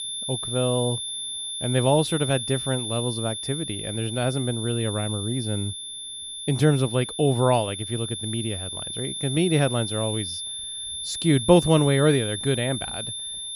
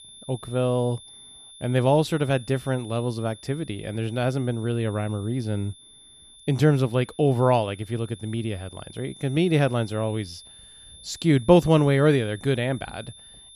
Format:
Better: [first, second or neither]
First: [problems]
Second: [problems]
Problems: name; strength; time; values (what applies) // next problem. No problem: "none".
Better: second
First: high-pitched whine; loud; throughout; 3.5 kHz, 5 dB below the speech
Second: high-pitched whine; faint; throughout; 3.5 kHz, 20 dB below the speech